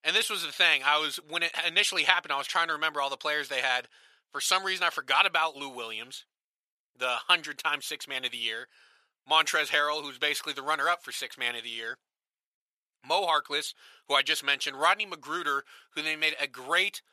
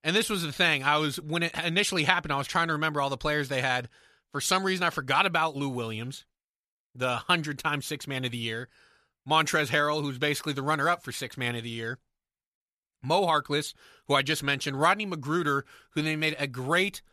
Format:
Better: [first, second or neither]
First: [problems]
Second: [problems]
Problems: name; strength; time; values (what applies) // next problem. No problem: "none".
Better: second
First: thin; very; fading below 600 Hz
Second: none